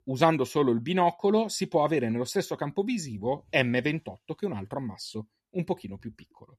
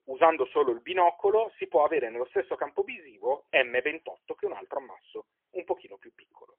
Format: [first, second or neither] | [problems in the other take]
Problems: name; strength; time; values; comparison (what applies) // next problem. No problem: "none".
first | phone-call audio; poor line; nothing above 3 kHz